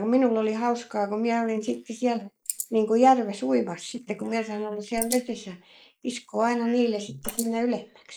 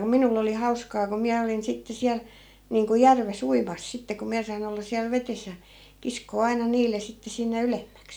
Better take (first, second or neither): second